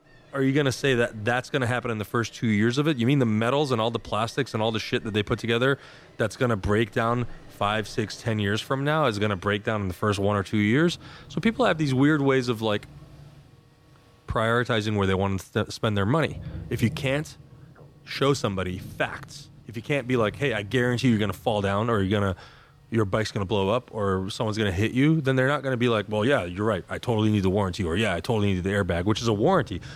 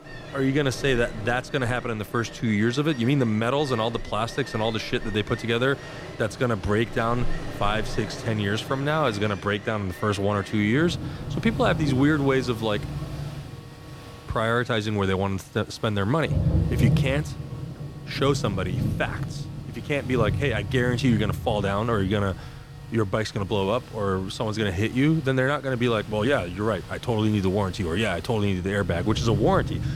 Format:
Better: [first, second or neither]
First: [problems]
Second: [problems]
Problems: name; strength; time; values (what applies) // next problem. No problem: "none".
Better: first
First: rain or running water; faint; throughout; 25 dB below the speech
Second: rain or running water; loud; throughout; 8 dB below the speech